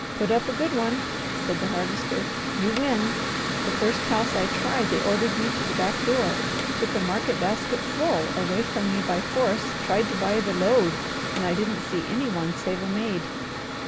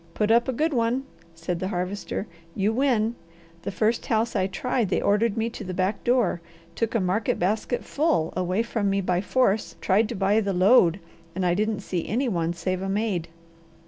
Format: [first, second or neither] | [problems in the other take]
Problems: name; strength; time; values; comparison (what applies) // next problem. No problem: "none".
second | background sound (Mechanical fan); 2 dB below the speech